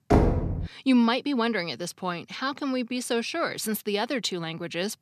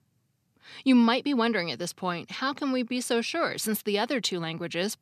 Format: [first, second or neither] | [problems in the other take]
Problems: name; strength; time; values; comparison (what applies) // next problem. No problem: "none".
second | door banging; loud; at the start; peak 5 dB above the speech